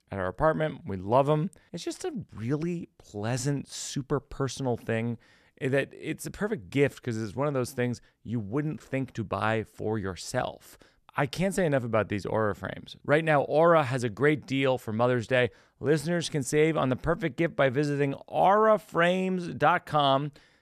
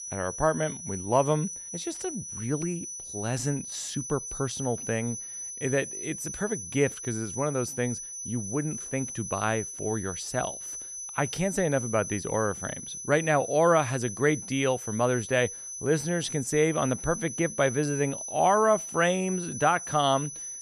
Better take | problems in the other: first | high-pitched whine; loud; throughout; 6 kHz, 7 dB below the speech

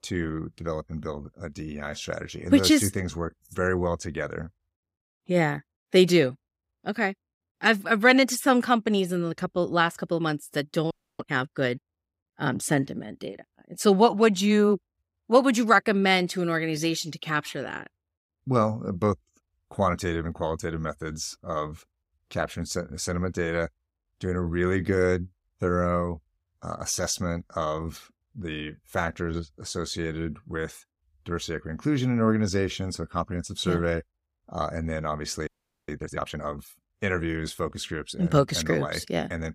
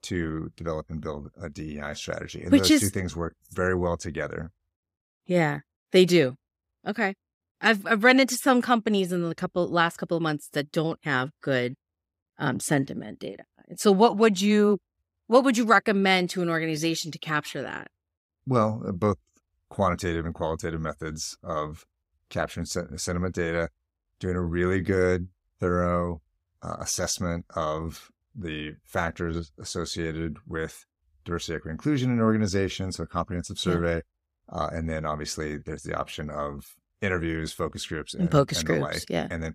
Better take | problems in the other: second | audio freezing; at 11 s and at 35 s

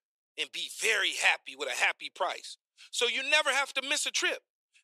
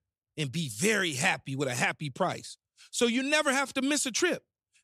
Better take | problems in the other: second | thin; very; fading below 450 Hz

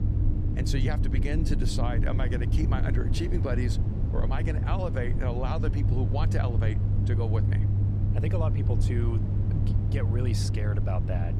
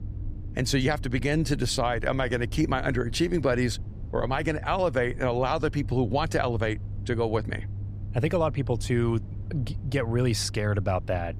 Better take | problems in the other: second | low rumble; loud; throughout; 4 dB below the speech; faint in the second

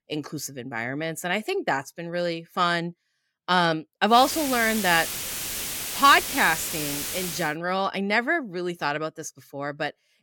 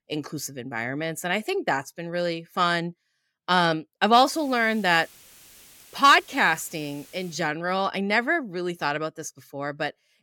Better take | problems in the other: second | hiss; loud; from 4 to 7.5 s; 5 dB below the speech; faint in the second

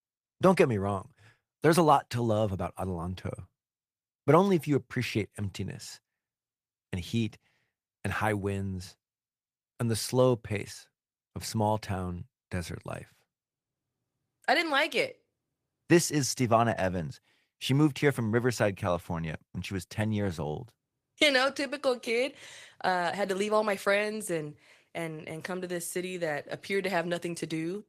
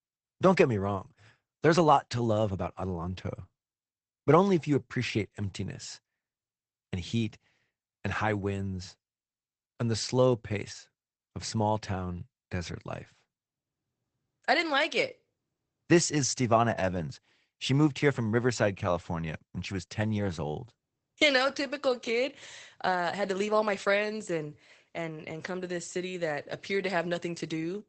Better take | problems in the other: first | garbled, watery; badly; nothing above 8 kHz; slightly in the first

